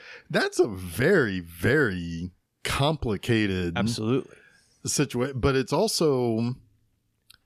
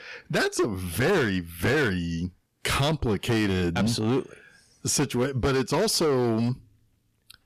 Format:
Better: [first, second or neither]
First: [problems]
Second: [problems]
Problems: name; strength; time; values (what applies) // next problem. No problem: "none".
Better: first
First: none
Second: distortion; heavy; 13% of the sound clipped